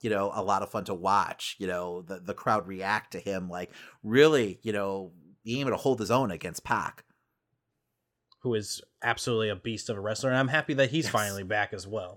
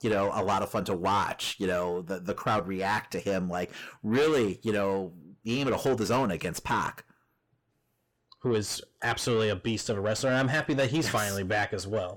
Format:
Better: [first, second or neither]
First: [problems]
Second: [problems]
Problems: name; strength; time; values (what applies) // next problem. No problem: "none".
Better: first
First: none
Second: distortion; heavy; 6 dB below the speech